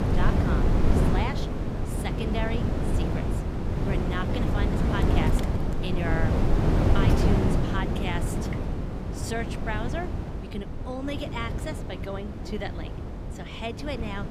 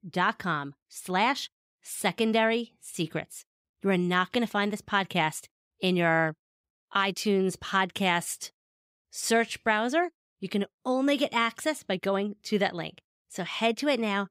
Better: second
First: wind noise on the microphone; heavy; 1 dB above the speech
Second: none

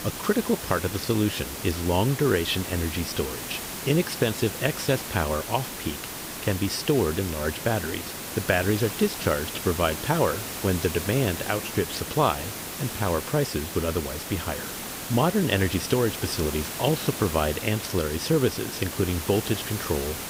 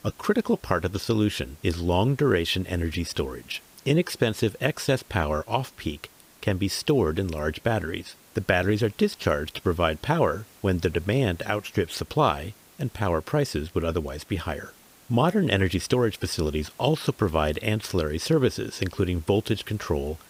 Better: second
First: hiss; loud; throughout; 6 dB below the speech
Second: hiss; faint; throughout; 25 dB below the speech

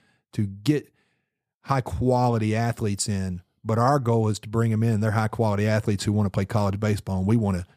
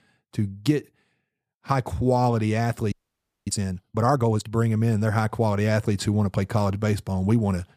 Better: first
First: none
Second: audio freezing; at 3 s for 0.5 s

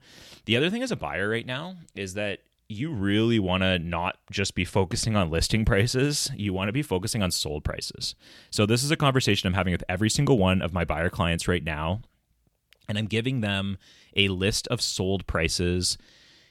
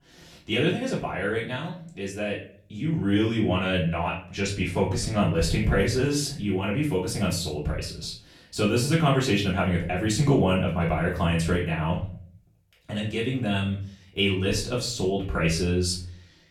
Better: first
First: none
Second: room echo; slight; dies away in 0.4 s // off-mic speech; far

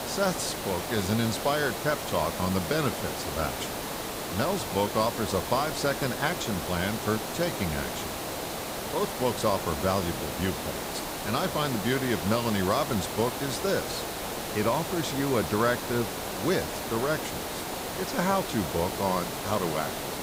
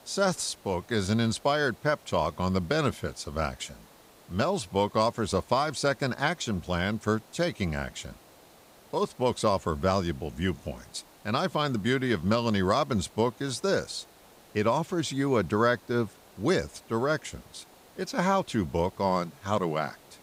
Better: second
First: hiss; loud; throughout; 3 dB below the speech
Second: hiss; faint; throughout; 25 dB below the speech

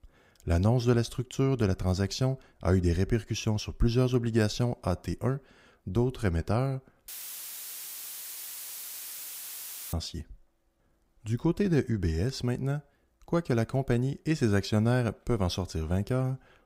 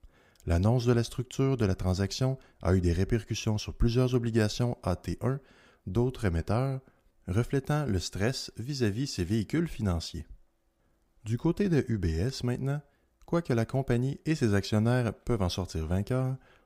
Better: second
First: audio cutting out; filled with static; at 7 s for 3 s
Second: none

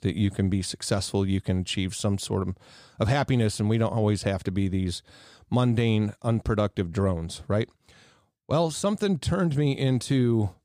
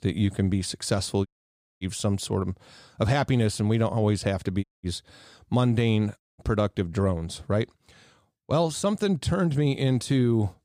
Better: first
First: none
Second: audio cutting out; at 1.5 s for 0.5 s, at 4.5 s and at 6 s

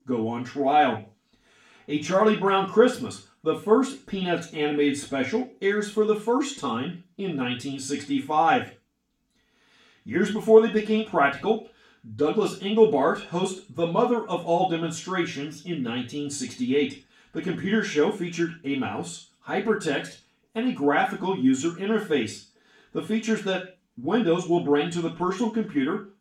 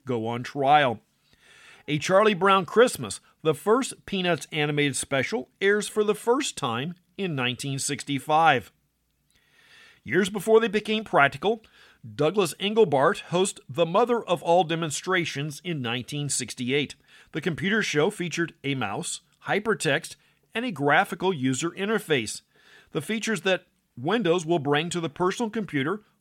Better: second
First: room echo; slight; dies away in 0.3 s // off-mic speech; far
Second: none

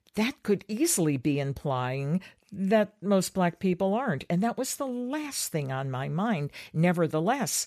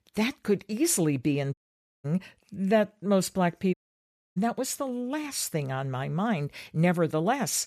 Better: first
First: none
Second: audio cutting out; at 1.5 s for 0.5 s and at 3.5 s for 0.5 s

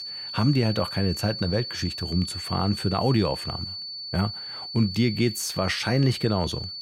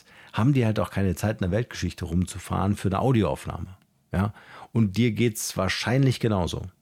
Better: second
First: high-pitched whine; loud; throughout; 4.5 kHz, 7 dB below the speech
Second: none

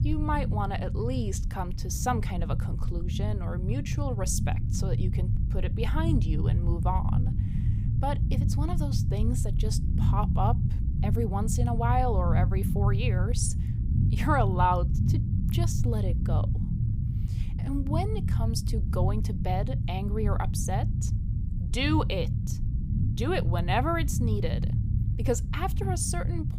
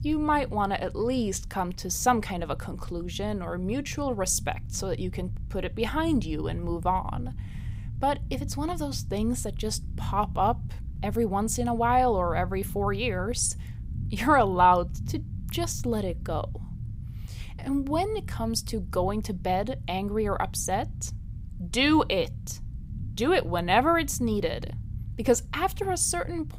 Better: second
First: low rumble; loud; throughout; 9 dB below the speech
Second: low rumble; faint; throughout; 25 dB below the speech

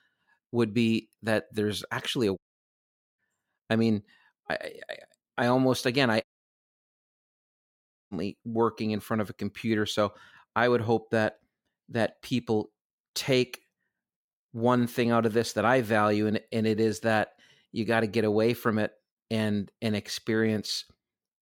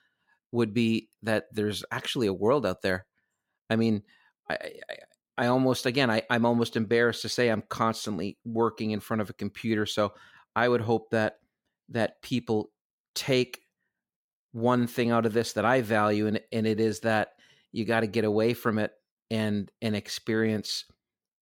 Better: second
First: audio cutting out; at 2.5 s for 1 s and at 6 s for 2 s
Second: none

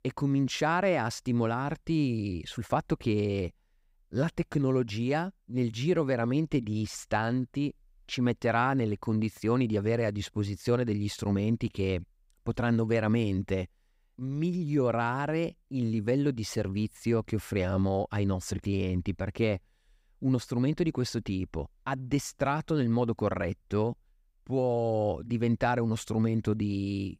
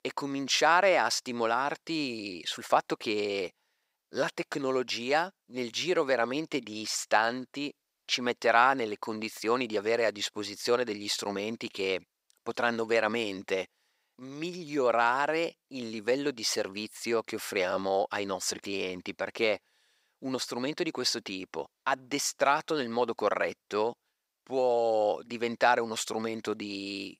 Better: first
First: none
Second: thin; somewhat; fading below 550 Hz

